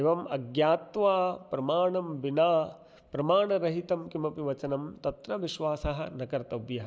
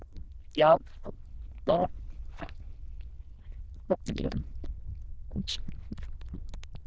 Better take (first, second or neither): first